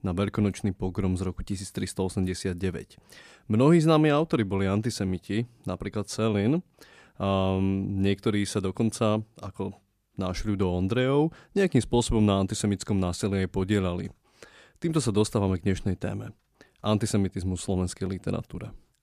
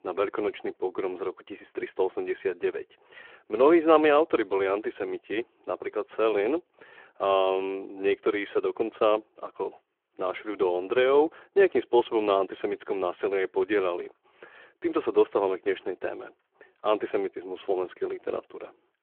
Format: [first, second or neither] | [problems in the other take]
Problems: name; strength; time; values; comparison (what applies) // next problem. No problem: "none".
first | phone-call audio